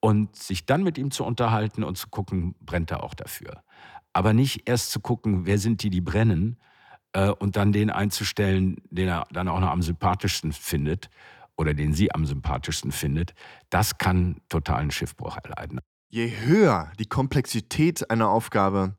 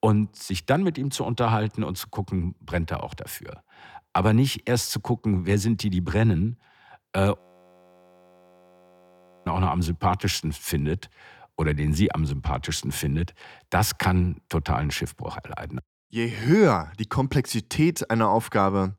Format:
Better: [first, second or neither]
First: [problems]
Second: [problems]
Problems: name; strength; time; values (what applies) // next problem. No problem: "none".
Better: first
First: none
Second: audio freezing; at 7.5 s for 2 s